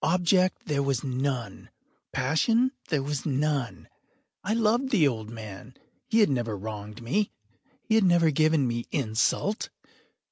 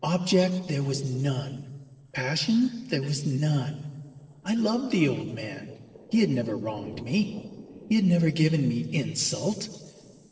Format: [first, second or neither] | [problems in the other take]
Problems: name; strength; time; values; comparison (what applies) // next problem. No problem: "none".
first | noise reduction (neural separator model SepFormer DNS4)